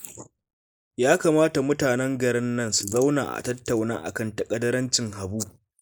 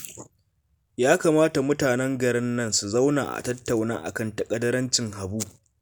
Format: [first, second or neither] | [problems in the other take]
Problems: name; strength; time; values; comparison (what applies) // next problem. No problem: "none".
second | noise reduction (neural mask model Resemble Enhance denoiser)